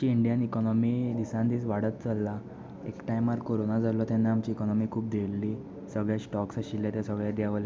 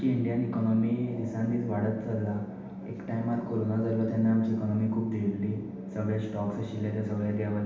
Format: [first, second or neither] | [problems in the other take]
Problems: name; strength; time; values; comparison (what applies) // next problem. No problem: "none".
first | room echo; dies away in 0.9 s